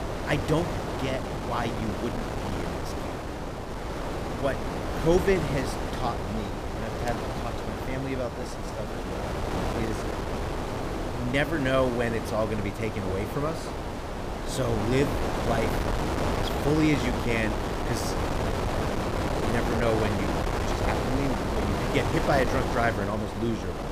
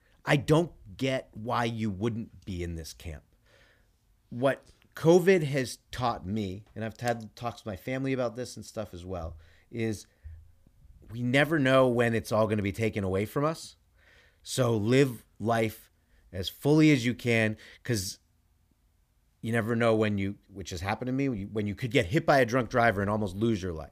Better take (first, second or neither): second